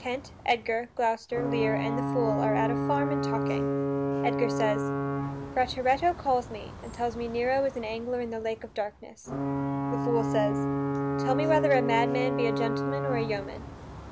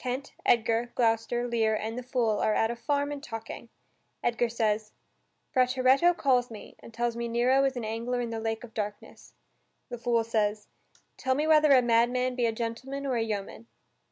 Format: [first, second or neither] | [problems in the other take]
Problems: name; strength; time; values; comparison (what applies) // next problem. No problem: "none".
second | background sound (Alarm / Ocean / Boat, Water vehicle); 1 dB below the speech